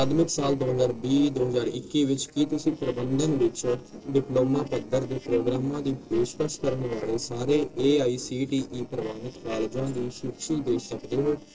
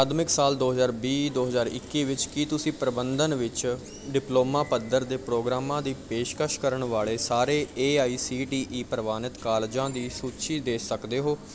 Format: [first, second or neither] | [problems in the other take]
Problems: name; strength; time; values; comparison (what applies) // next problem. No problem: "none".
second | noise reduction (neural separator model SepFormer DNS4)